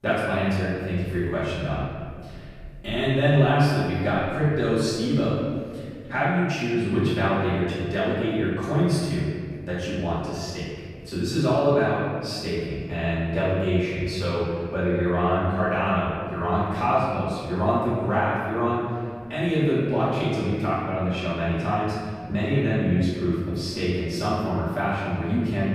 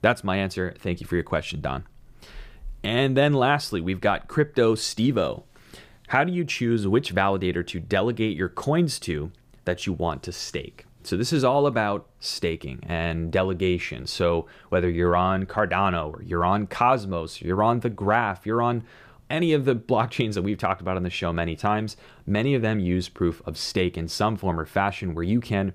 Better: second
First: off-mic speech; far // room echo; strong; dies away in 1.9 s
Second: none

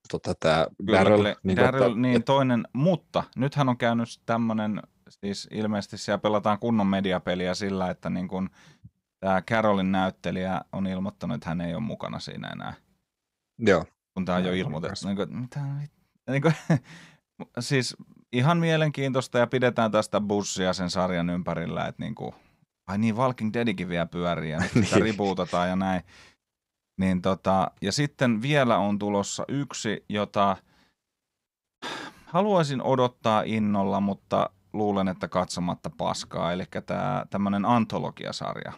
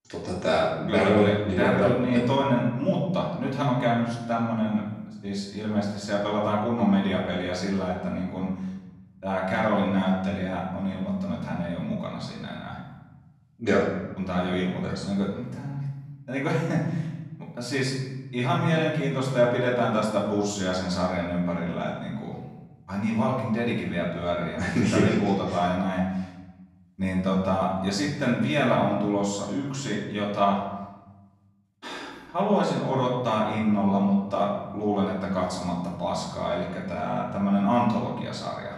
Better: first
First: none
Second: off-mic speech; far // room echo; noticeable; dies away in 1 s

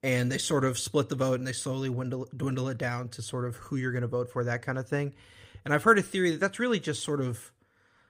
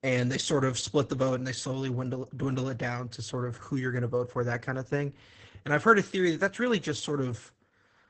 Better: first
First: none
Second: garbled, watery; badly; nothing above 8 kHz

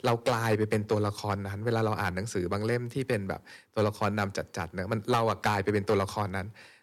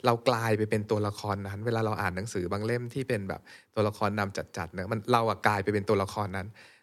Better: second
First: distortion; slight; 2% of the sound clipped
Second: none

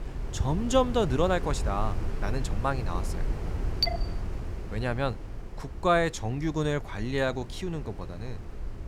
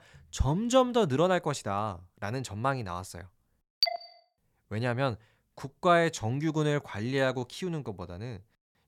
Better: second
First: wind noise on the microphone; occasional gusts; 15 dB below the speech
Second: none

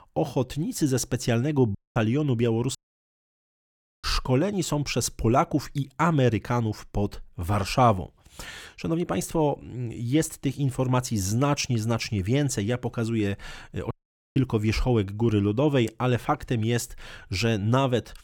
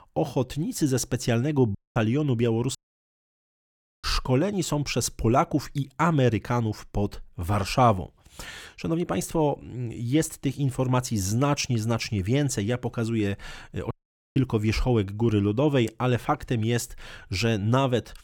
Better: neither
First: audio cutting out; at 2 s, at 3 s for 1.5 s and at 14 s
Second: audio cutting out; at 2 s, at 3 s for 1.5 s and at 14 s

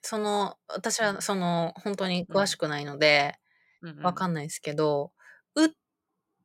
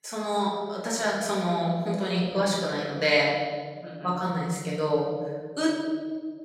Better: first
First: none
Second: off-mic speech; far // room echo; noticeable; dies away in 1.6 s

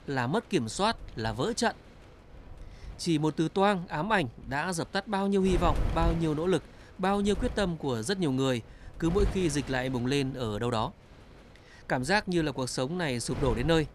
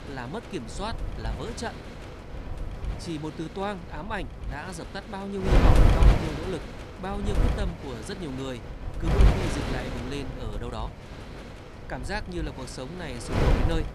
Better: first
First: wind noise on the microphone; occasional gusts; 20 dB below the speech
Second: wind noise on the microphone; heavy; 1 dB above the speech

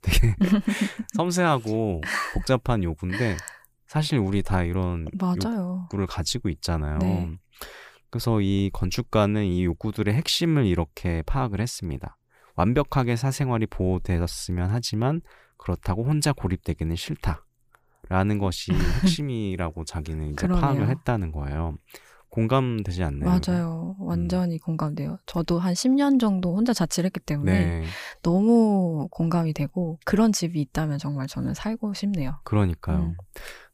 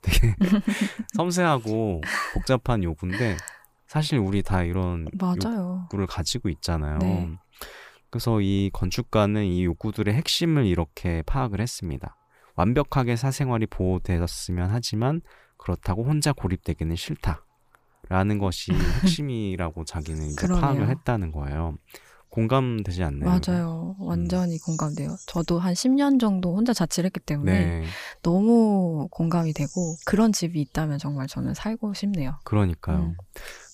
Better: first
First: none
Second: animal sounds; noticeable; throughout; 20 dB below the speech

